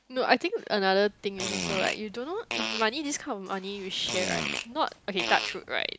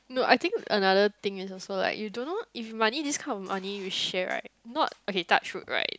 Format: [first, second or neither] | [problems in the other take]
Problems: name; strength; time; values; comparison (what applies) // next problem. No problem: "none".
second | background sound (Fart); 6 dB below the speech